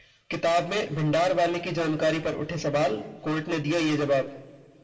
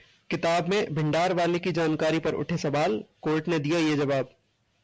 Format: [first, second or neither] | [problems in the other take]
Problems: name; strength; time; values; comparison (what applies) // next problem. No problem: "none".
second | room echo; dies away in 1.1 s